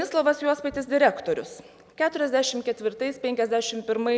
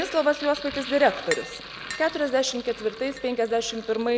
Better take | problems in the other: first | background sound (Tap + Sink (filling or washing)); 12 dB below the speech

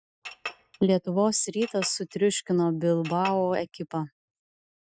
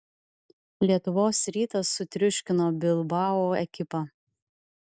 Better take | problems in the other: second | noise reduction (classical method Wiener filter)

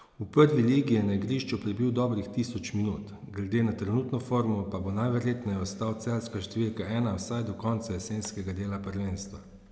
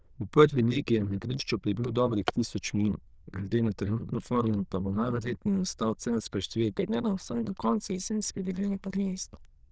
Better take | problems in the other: first | noise reduction (neural diffusion model UNIVERSE++)

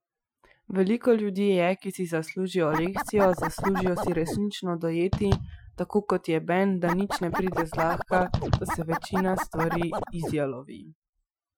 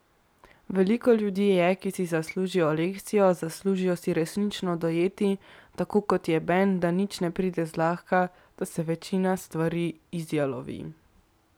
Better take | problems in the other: second | noise reduction (classical method Wiener filter)

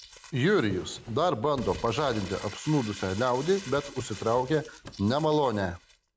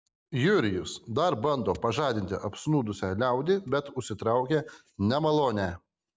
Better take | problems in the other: second | background sound (Drawer open or close + Crumpling, crinkling); 17 dB below the speech

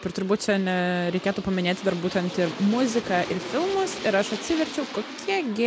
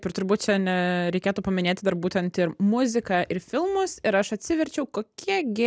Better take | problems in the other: second | background sound (Aircraft); 11 dB below the speech

